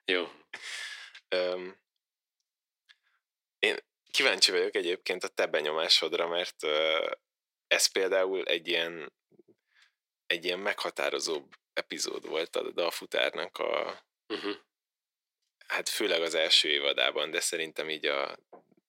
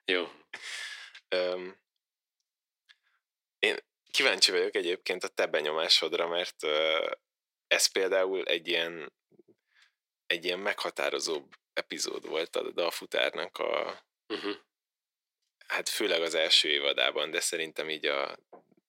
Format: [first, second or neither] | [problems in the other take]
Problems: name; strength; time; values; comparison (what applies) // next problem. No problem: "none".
neither | thin; very; fading below 400 Hz; the same in both